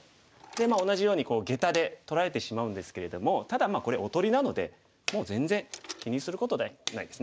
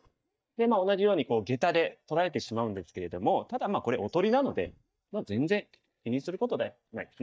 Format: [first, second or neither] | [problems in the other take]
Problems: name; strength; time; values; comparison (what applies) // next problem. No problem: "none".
first | noise reduction (neural mask model DeepFilterNet 3)